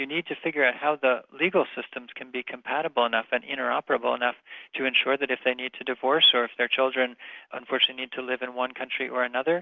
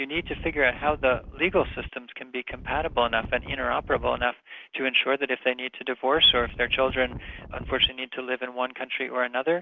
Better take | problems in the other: first | background sound (Wind); 12 dB below the speech

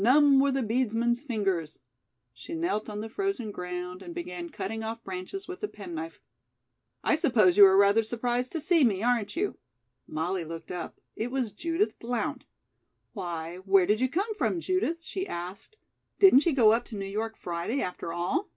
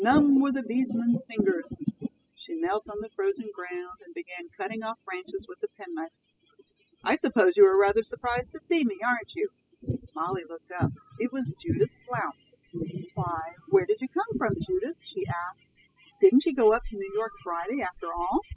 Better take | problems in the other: first | noise reduction (classical method spectral subtraction)

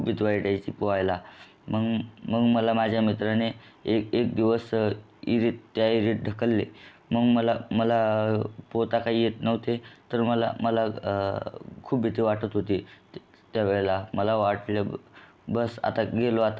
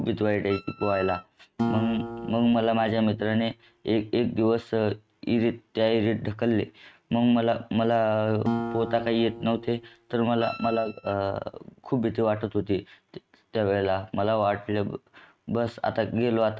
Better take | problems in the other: first | noise reduction (neural mask model RNNoise)

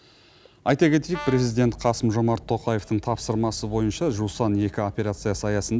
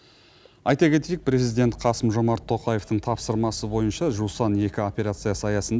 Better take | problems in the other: second | background sound (Brass instrument); 15 dB below the speech

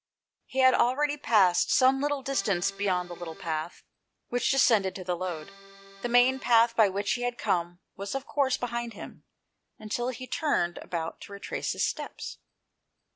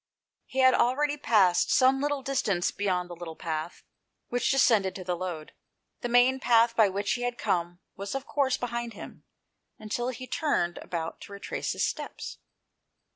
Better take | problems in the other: second | background sound (Accordion); 19 dB below the speech

